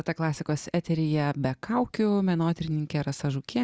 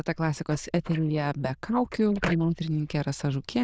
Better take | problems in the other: first | noise reduction (neural diffusion model UNIVERSE++)

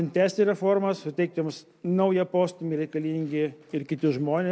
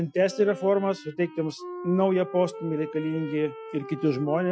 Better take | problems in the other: first | noise reduction (classical method Wiener filter)

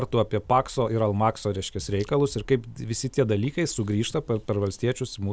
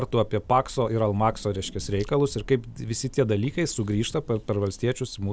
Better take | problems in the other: first | background sound (Thunder / Rain); 19 dB below the speech

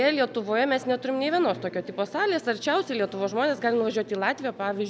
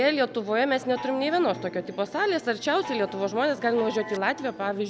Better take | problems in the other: first | background sound (Chime); 15 dB below the speech

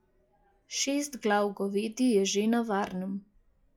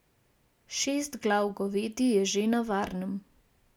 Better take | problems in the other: second | noise reduction (classical method log-MMSE)

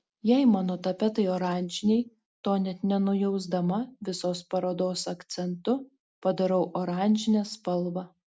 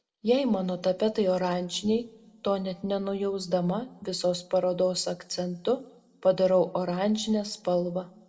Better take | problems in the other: first | room echo; dies away in 0.7 s

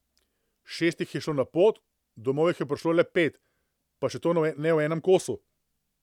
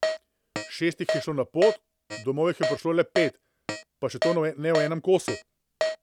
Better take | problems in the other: first | background sound (Keyboard (musical)); 4 dB below the speech

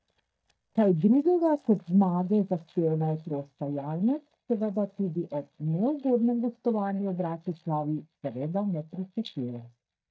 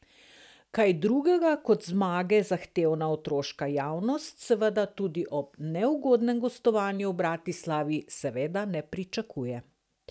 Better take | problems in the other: second | noise reduction (neural mask model DeepFilterNet 3)

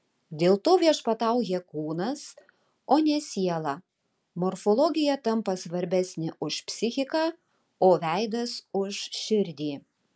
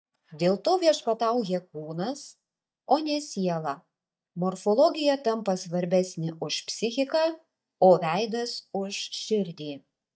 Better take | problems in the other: first | noise reduction (neural mask model DeepFilterNet 3)

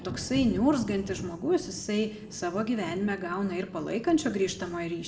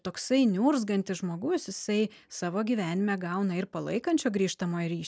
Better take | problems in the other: second | background sound (Thunder); 13 dB below the speech // room echo; dies away in 0.7 s

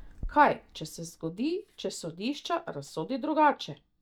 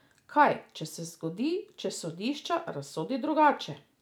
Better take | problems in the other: second | noise reduction (neural mask model DeepFilterNet 3)

